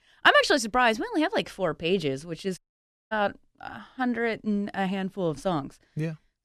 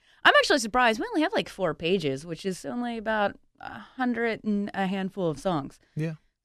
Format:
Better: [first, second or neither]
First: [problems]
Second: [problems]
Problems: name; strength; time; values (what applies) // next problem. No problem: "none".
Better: second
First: audio cutting out; at 2.5 s for 0.5 s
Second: none